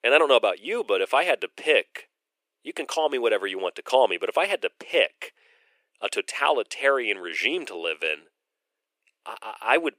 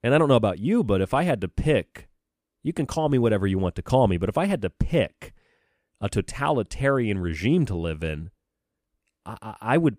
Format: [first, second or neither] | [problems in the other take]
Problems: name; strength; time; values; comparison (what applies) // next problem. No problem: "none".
second | thin; very; fading below 400 Hz